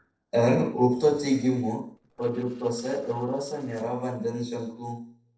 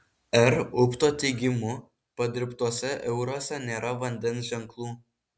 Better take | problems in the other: second | noise reduction (neural separator model SepFormer DNS4)

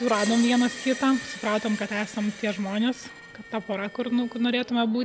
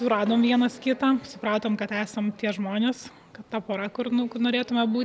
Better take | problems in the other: second | background sound (Screech); 14 dB below the speech

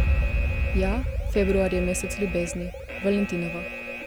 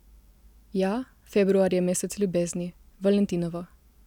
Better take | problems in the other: second | background sound (Alarm); 1 dB above the speech

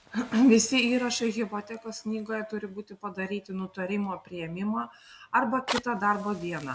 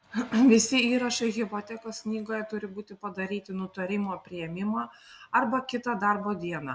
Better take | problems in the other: second | background sound (Fire); 17 dB below the speech

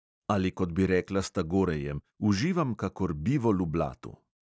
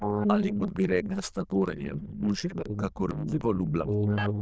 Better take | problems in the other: first | noise reduction (neural diffusion model UNIVERSE++)

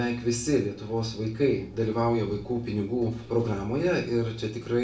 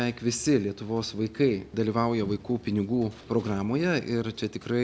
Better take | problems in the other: second | room echo; dies away in 0.3 s

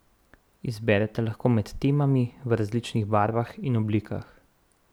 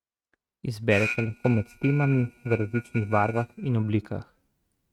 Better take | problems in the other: first | noise reduction (neural mask model RNNoise)

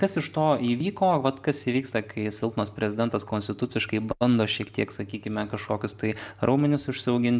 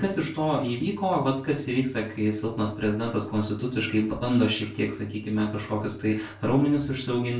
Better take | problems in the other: first | room echo; dies away in 0.3 s

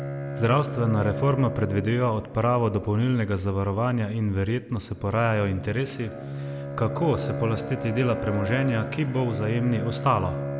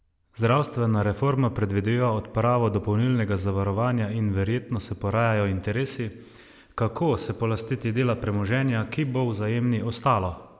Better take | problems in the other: second | background sound (Bowed string instrument); 8 dB below the speech

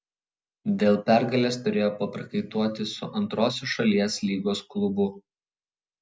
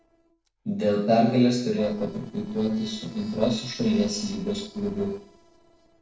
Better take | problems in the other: first | noise reduction (neural separator model SepFormer DNS4)

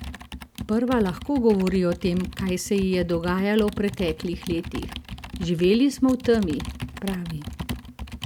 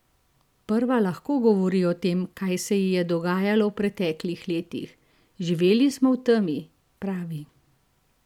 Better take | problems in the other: second | background sound (Computer keyboard); 11 dB below the speech

